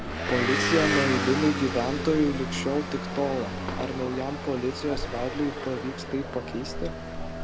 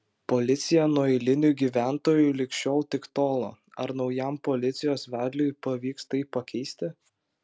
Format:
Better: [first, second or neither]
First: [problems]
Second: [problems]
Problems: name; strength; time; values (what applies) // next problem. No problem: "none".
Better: second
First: background sound (Motor vehicle (road) / Engine); 2 dB below the speech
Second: none